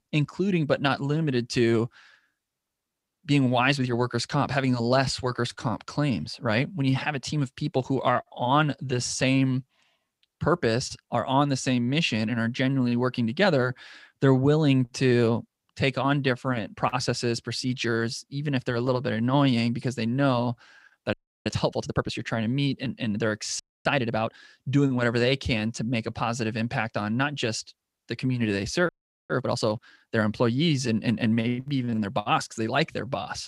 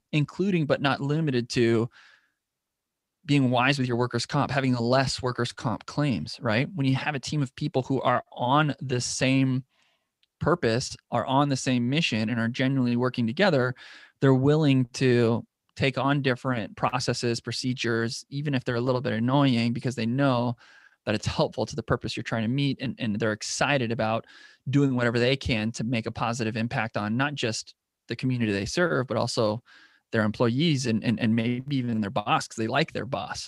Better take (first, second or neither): second